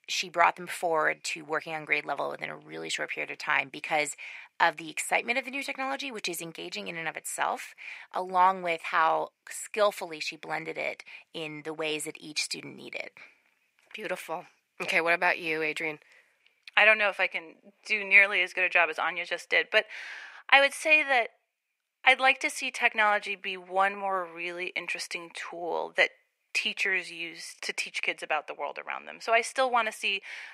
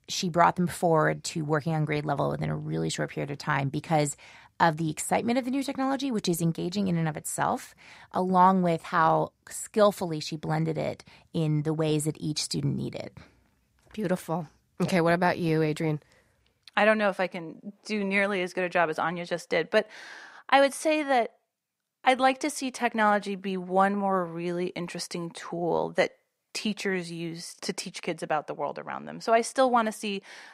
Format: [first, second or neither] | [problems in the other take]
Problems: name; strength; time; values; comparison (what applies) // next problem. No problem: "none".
second | thin; very; fading below 500 Hz